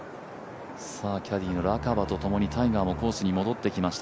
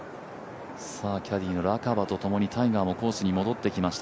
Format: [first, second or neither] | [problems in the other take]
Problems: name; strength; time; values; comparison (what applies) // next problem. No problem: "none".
second | background sound (Bowed string instrument); 10 dB below the speech